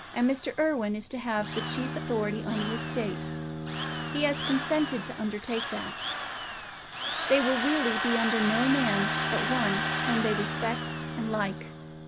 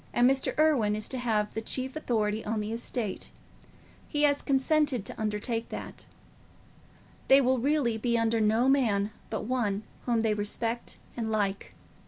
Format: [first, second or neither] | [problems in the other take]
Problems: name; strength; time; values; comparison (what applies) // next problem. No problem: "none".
second | background sound (Drill + Bowed string instrument); 2 dB below the speech